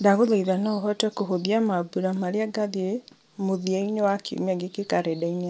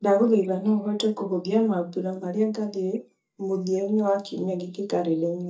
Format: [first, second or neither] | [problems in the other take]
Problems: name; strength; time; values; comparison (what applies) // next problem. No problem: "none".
first | noise reduction (neural mask model DeepFilterNet 3)